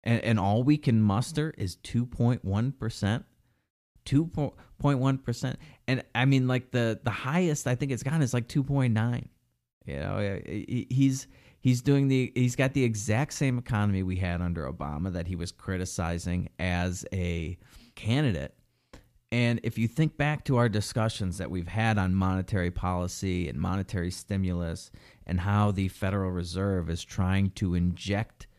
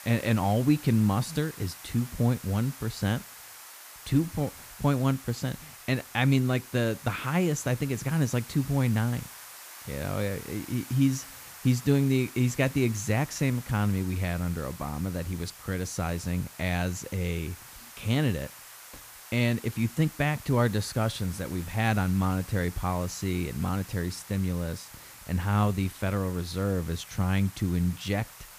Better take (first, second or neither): first